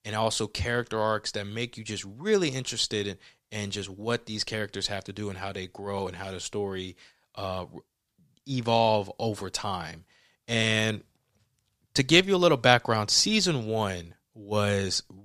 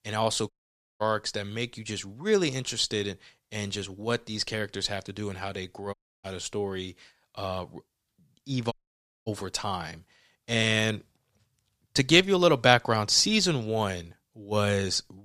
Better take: first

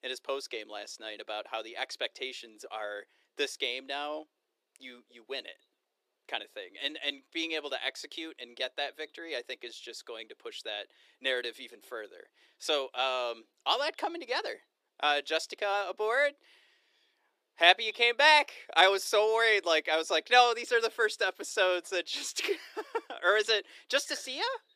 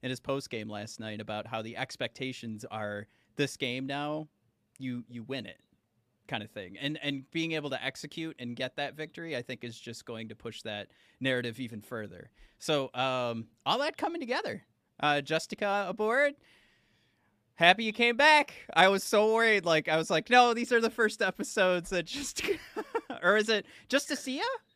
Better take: second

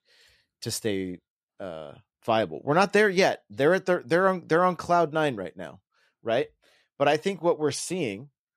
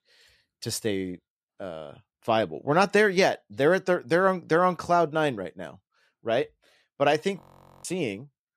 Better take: first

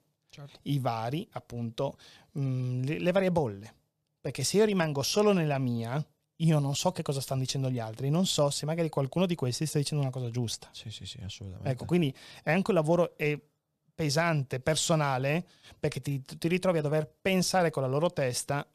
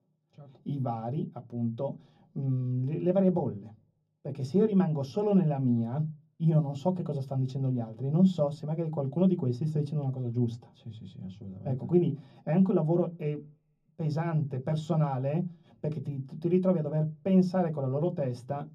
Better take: first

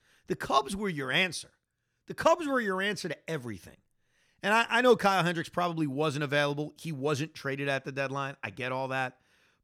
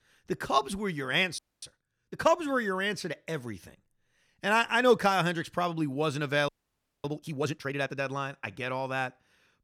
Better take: first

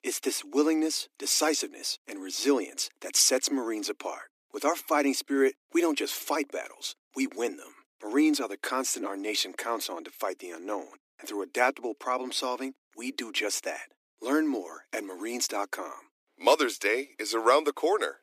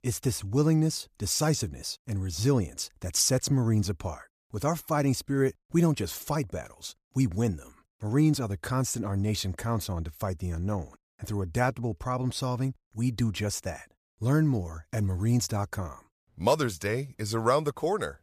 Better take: second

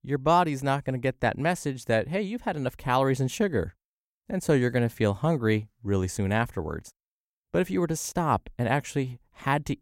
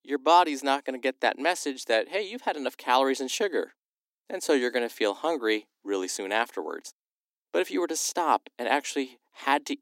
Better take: first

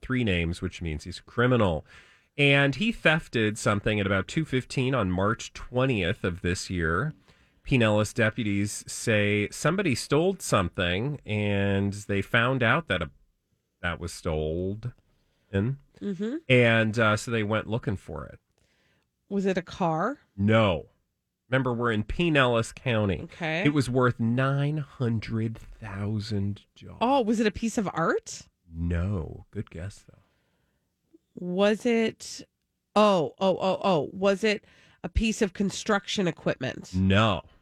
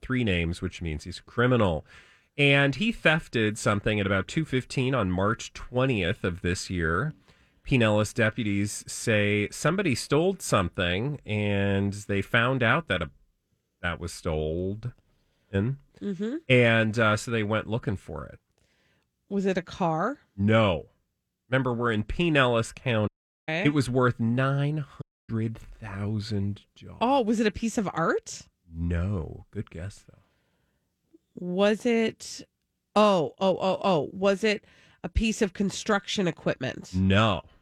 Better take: first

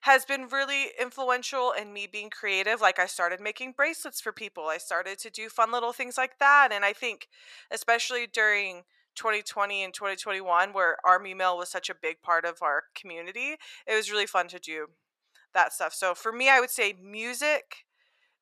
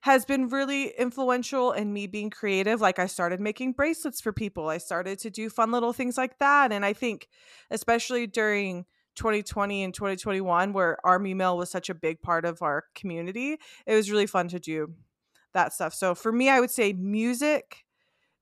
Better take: second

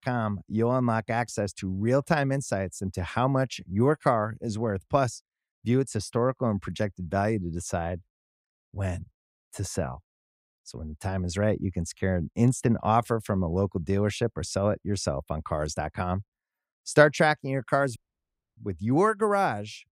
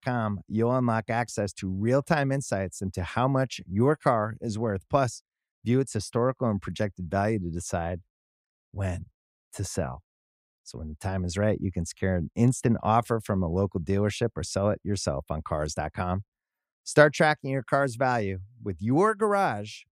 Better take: second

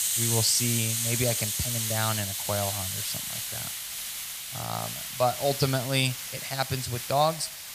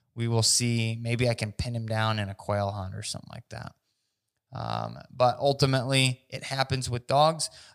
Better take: second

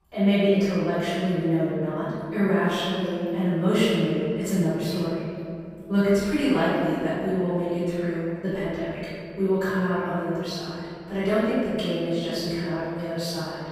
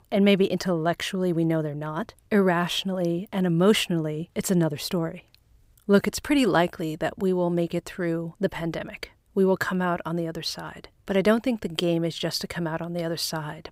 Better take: second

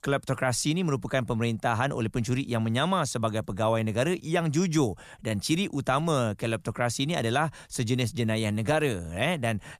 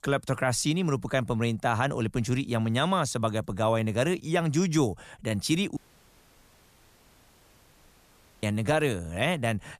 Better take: first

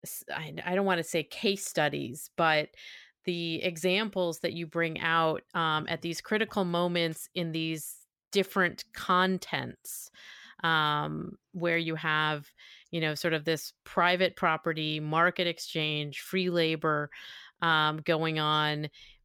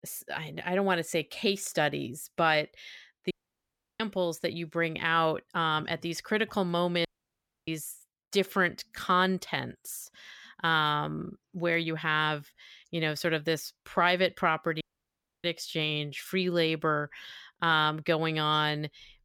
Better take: first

